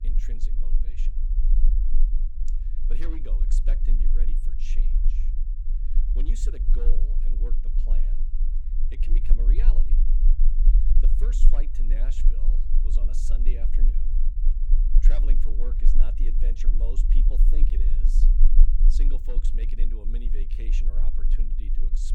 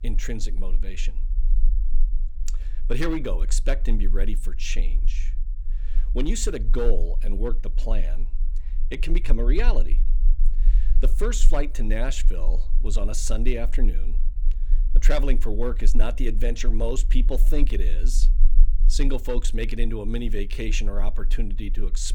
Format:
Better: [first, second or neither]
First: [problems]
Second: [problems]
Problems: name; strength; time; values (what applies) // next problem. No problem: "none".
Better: second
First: low rumble; loud; throughout; 4 dB below the speech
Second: low rumble; faint; throughout; 20 dB below the speech